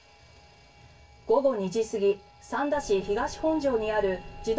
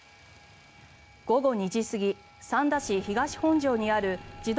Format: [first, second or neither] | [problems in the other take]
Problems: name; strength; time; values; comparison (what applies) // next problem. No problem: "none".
second | room echo; dies away in 0.2 s